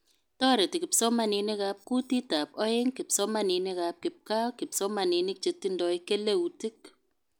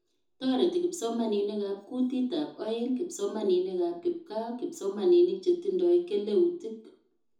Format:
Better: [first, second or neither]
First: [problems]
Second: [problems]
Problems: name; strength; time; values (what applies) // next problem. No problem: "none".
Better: first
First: none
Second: room echo; dies away in 0.5 s